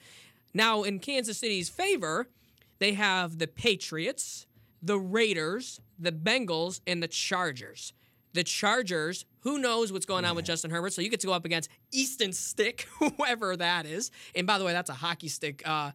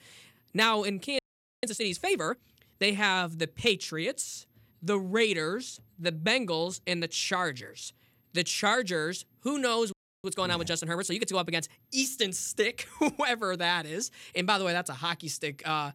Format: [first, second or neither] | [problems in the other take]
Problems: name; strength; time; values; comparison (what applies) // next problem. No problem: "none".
first | audio freezing; at 1 s and at 10 s